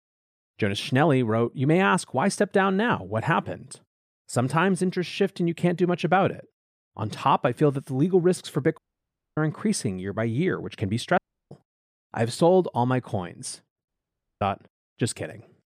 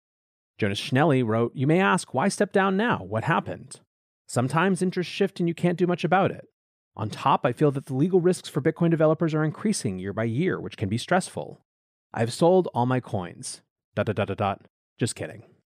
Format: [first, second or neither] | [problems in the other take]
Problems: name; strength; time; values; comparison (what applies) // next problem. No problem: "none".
second | audio cutting out; at 9 s for 0.5 s, at 11 s and at 14 s for 0.5 s